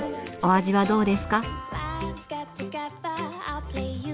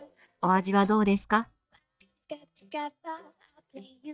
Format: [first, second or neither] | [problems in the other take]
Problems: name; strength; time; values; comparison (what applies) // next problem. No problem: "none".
first | noise reduction (neural mask model DeepFilterNet 3)